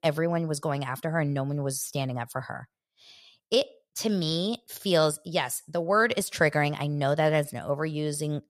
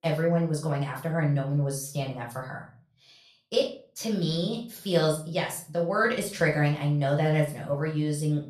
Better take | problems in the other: first | room echo; slight; dies away in 0.4 s // off-mic speech; far

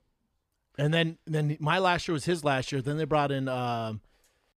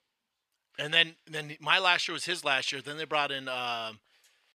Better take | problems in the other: first | thin; somewhat; fading below 1 kHz

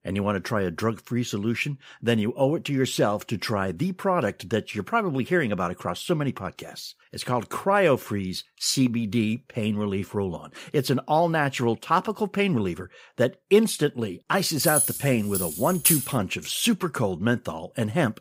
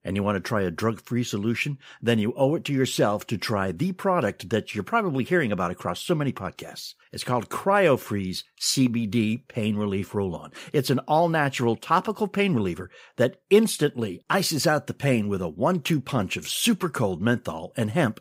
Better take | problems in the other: second | jangling keys; loud; from 15 to 16 s; peak 4 dB above the speech

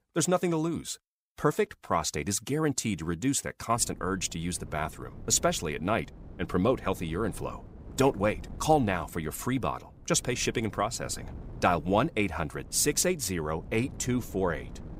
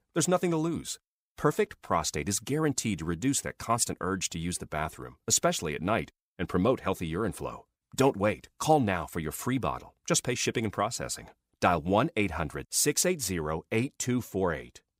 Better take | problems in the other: second | wind noise on the microphone; occasional gusts; from 3.5 s on; 25 dB below the speech

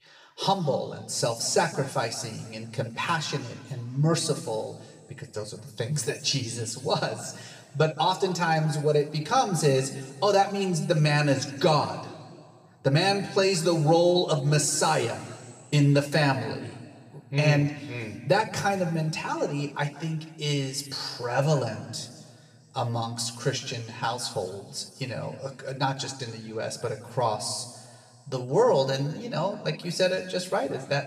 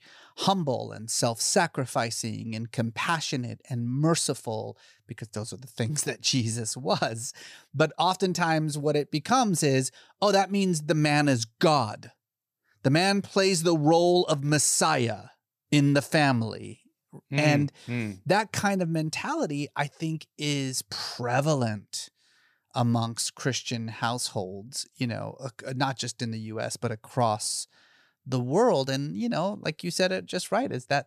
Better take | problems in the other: second | room echo; slight; dies away in 1.6 s

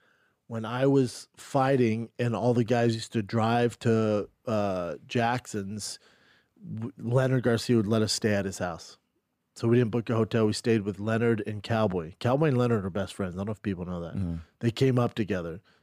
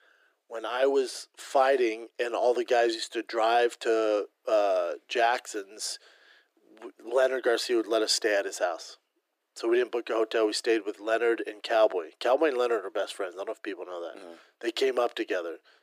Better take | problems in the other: first | thin; very; fading below 300 Hz

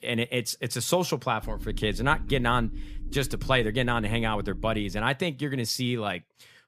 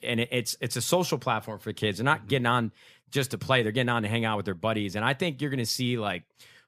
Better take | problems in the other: second | low rumble; faint; from 1.5 to 5 s; 25 dB below the speech

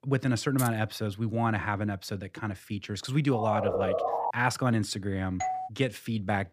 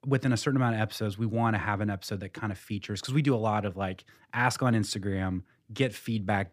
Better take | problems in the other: second | jangling keys; noticeable; at 0.5 s; peak 7 dB below the speech // siren; loud; at 3.5 s; peak 1 dB above the speech // doorbell; noticeable; at 5.5 s; peak 3 dB below the speech

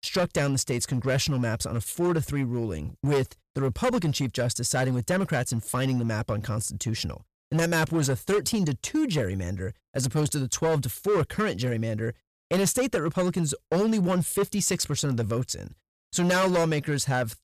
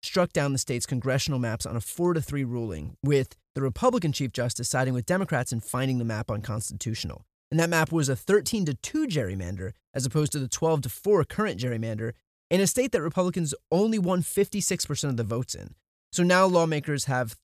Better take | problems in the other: second | distortion; slight; 9% of the sound clipped

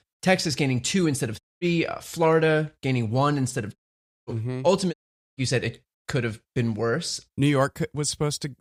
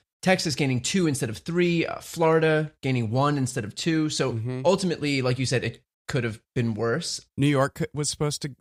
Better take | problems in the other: second | audio cutting out; at 1.5 s, at 4 s for 0.5 s and at 5 s

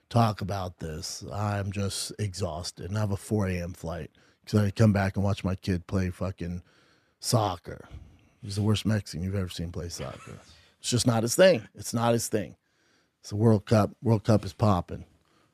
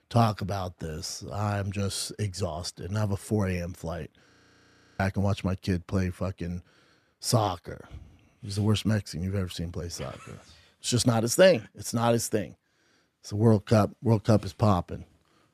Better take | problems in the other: first | audio freezing; at 4.5 s for 0.5 s

